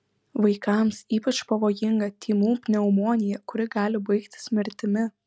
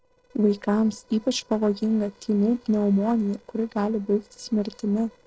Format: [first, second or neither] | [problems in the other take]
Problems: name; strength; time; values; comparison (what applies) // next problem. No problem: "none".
first | noise reduction (neural separator model SepFormer DNS4)